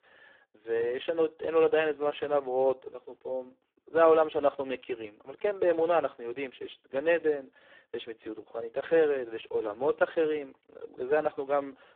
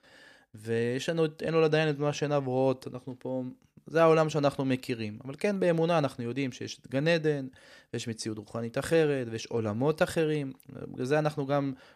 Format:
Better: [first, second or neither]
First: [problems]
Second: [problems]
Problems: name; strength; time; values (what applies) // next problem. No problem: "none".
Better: second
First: phone-call audio; poor line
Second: none